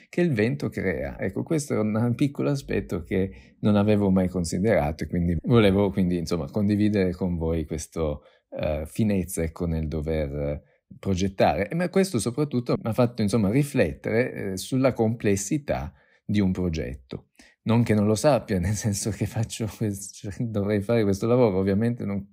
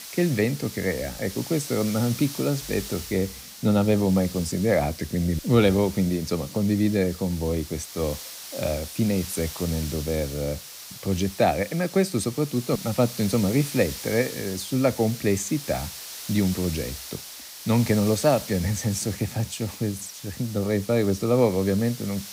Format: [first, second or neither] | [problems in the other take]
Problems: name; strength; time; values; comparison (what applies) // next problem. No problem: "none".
first | hiss; noticeable; throughout; 10 dB below the speech